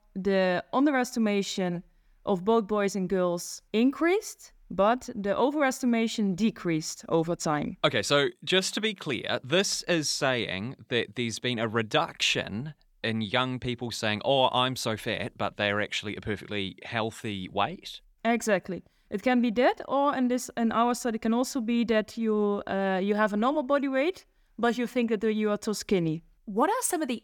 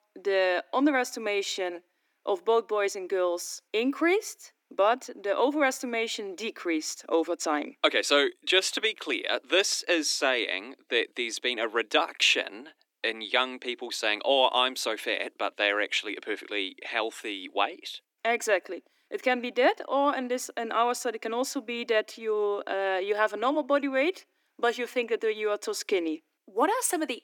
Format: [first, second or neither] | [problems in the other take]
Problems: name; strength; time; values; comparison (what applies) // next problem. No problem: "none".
first | thin; somewhat; fading below 300 Hz